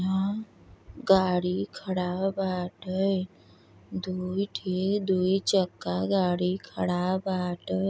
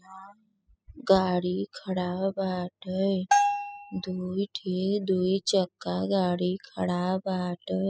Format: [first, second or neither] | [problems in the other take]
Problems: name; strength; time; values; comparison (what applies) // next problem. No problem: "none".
first | noise reduction (classical method spectral subtraction)